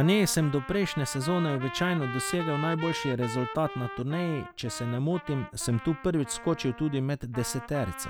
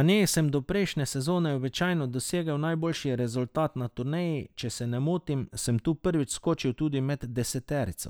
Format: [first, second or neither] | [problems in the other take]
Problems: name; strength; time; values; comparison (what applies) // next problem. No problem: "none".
second | background sound (Trumpet); 11 dB below the speech